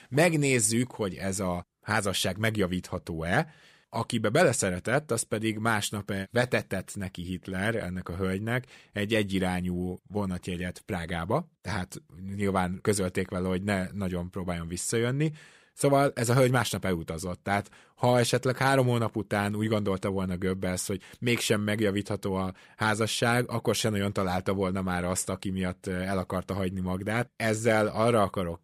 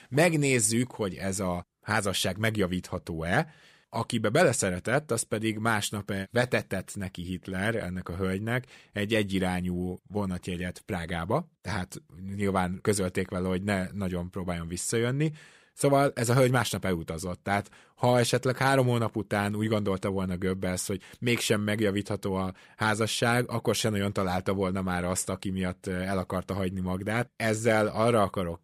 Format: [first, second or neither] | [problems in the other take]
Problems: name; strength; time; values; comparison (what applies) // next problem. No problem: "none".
neither | none